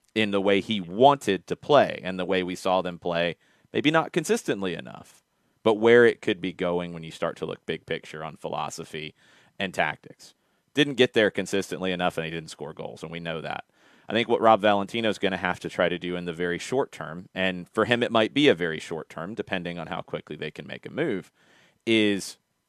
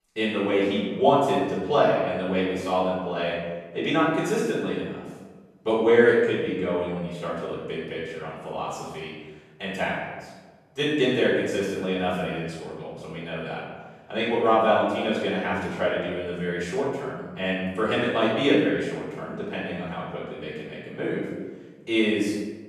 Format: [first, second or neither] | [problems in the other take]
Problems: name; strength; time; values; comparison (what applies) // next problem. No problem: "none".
first | off-mic speech; far // room echo; strong; dies away in 1.1 s